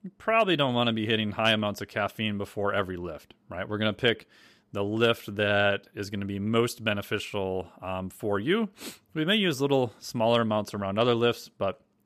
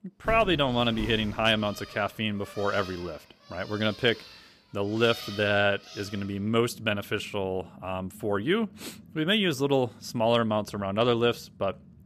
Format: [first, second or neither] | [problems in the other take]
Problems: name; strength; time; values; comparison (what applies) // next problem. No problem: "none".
first | animal sounds; noticeable; throughout; 20 dB below the speech